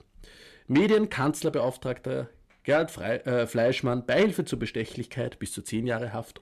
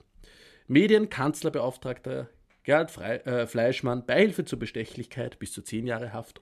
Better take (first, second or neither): second